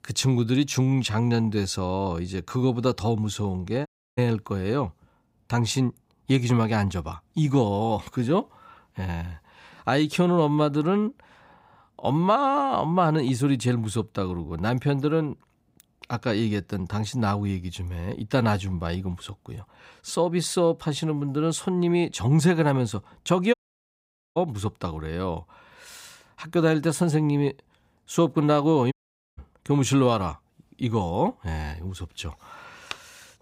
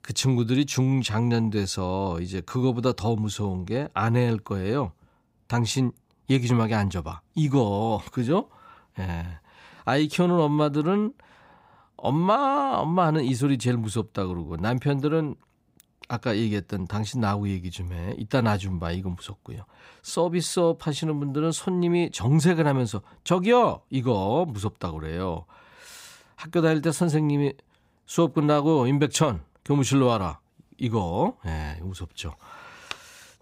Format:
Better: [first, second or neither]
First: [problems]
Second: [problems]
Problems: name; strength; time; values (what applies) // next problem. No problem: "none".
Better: second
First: audio cutting out; at 4 s, at 24 s for 1 s and at 29 s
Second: none